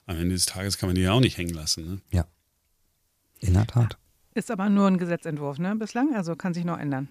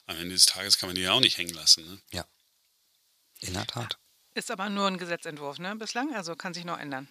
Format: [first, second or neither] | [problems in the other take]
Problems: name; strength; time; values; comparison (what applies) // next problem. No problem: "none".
first | thin; somewhat; fading below 1 kHz